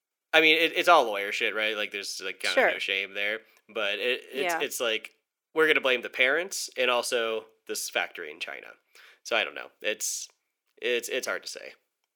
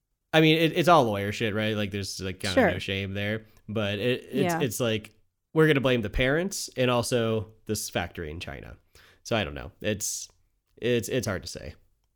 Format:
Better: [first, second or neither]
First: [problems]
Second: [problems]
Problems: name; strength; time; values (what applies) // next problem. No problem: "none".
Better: second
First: thin; very; fading below 400 Hz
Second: none